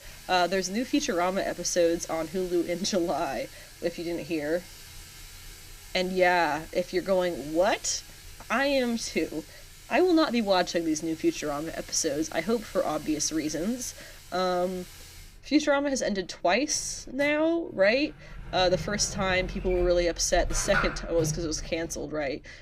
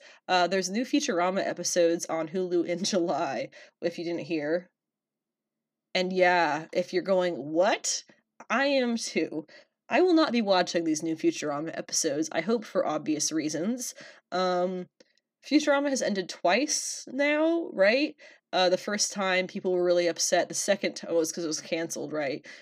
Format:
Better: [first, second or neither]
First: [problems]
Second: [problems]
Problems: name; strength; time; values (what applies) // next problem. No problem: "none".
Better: second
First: household noises; noticeable; throughout; 15 dB below the speech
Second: none